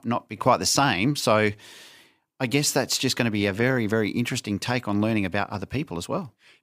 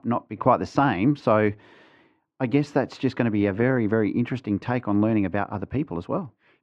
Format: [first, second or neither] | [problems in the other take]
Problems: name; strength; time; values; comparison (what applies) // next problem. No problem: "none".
first | muffled; very; fading above 1.5 kHz